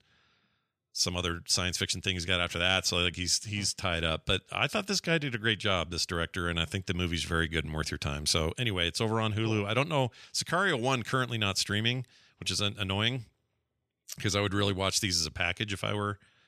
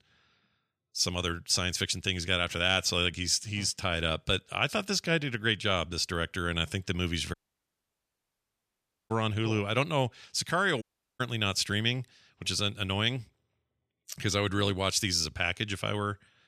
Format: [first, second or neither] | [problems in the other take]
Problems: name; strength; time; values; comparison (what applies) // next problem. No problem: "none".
first | audio cutting out; at 7.5 s for 2 s and at 11 s